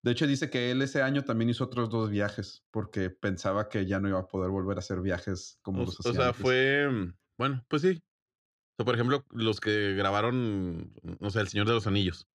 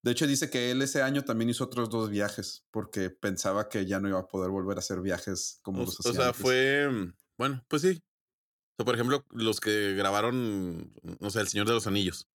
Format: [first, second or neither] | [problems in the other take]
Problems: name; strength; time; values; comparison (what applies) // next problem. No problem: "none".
second | muffled; slightly; fading above 3 kHz